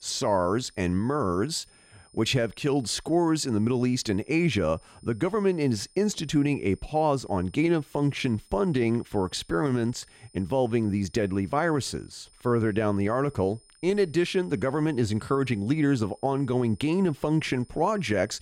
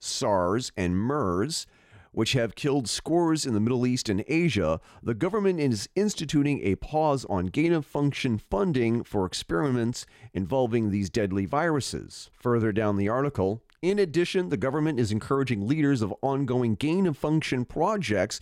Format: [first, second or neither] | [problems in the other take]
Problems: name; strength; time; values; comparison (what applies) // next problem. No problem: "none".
second | high-pitched whine; faint; throughout; 9 kHz, 30 dB below the speech